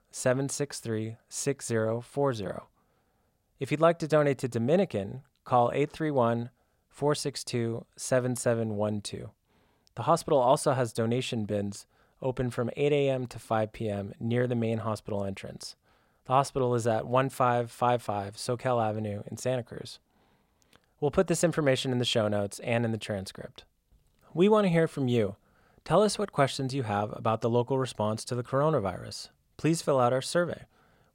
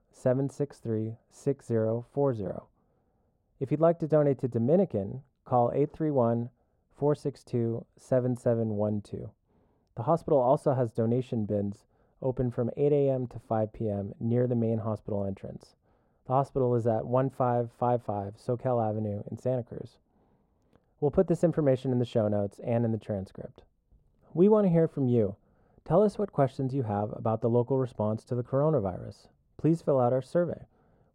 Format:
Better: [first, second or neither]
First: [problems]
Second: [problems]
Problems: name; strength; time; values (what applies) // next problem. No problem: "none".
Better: first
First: none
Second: muffled; very; fading above 1.5 kHz